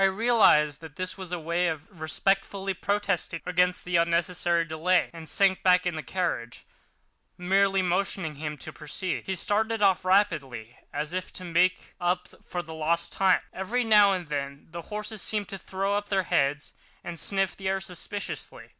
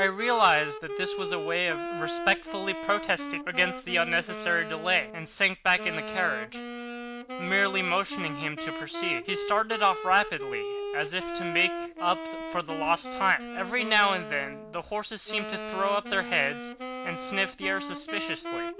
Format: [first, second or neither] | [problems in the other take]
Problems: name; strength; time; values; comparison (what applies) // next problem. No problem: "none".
first | background sound (Wind instrument, woodwind instrument); 7 dB below the speech